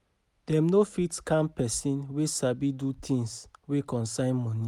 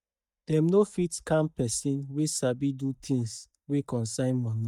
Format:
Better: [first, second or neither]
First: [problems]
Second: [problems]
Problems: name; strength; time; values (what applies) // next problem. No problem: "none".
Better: first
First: none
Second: noise reduction (neural mask model DeepFilterNet 3)